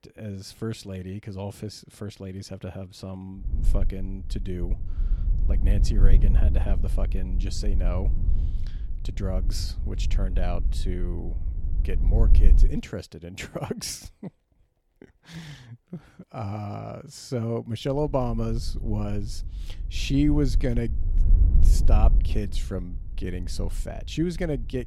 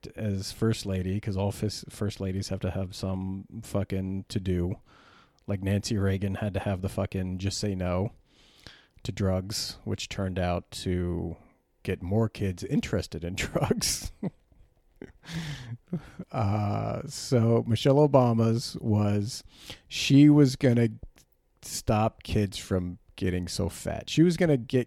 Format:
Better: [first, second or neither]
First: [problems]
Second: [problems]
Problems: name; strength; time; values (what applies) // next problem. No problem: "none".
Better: second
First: wind noise on the microphone; occasional gusts; from 3.5 to 13 s and from 18 s on; 10 dB below the speech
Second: none